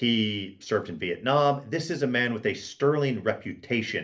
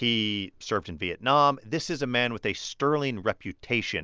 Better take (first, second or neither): second